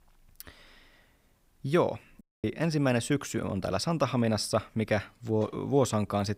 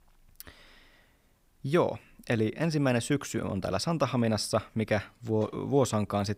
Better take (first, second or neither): second